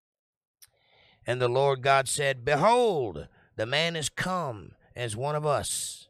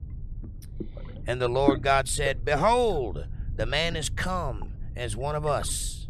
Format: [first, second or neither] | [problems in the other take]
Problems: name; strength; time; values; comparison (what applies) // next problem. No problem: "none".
first | low rumble; noticeable; throughout; 15 dB below the speech